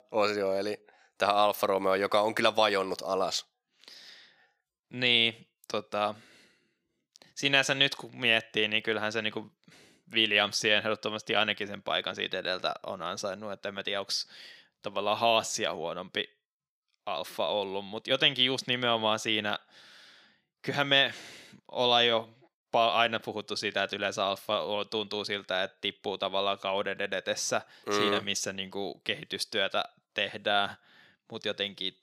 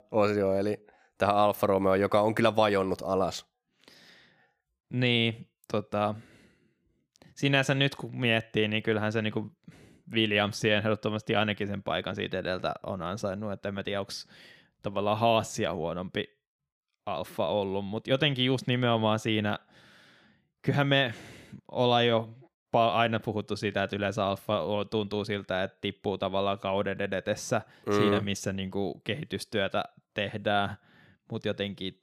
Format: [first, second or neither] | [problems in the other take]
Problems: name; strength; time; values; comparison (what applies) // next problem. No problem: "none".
second | thin; somewhat; fading below 600 Hz